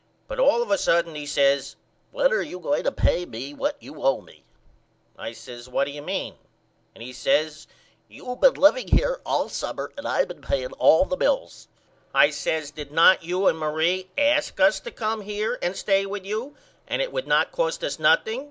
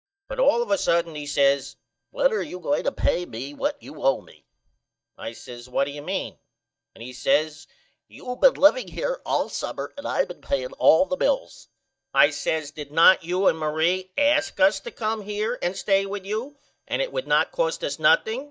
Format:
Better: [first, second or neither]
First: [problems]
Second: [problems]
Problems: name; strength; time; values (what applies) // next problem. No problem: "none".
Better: first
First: none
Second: noise reduction (neural mask model DeepFilterNet 3)